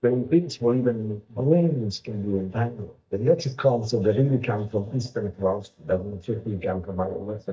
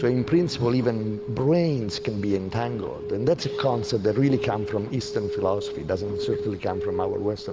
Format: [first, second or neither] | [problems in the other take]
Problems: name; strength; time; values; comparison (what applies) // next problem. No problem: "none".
second | noise reduction (neural mask model DeepFilterNet 3)